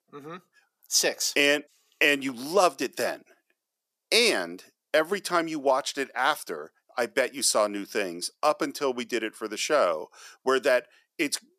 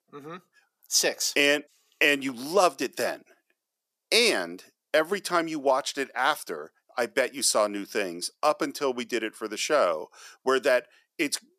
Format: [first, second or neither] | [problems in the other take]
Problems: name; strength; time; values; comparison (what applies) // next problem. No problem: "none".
neither | thin; somewhat; fading below 600 Hz; the same in both